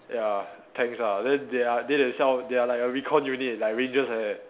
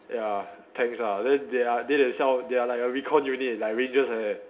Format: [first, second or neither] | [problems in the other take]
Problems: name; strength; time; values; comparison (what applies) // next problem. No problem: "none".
first | room echo; dies away in 0.3 s